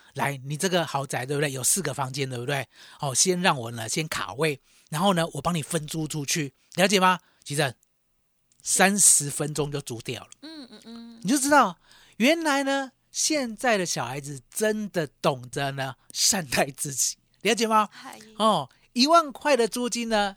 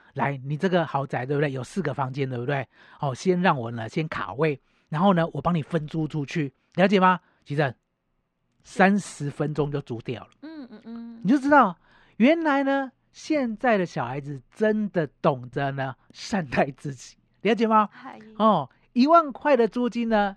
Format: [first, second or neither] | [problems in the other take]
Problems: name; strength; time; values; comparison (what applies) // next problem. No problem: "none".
first | muffled; very; fading above 2 kHz